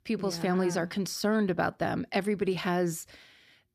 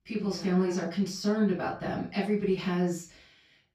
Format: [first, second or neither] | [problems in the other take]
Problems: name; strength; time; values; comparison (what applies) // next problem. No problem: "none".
first | room echo; noticeable; dies away in 0.3 s // off-mic speech; far